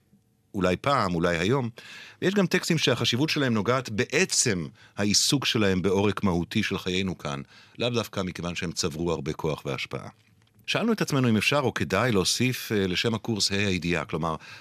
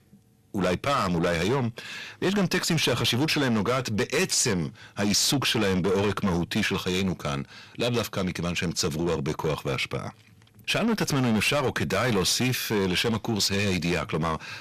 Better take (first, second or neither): first